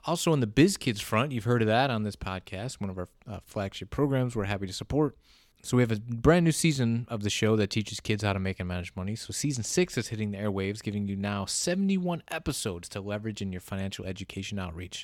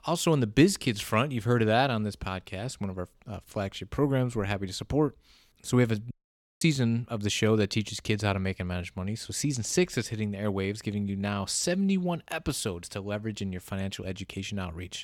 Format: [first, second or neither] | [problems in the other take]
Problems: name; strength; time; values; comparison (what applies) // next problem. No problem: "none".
first | audio cutting out; at 6 s for 0.5 s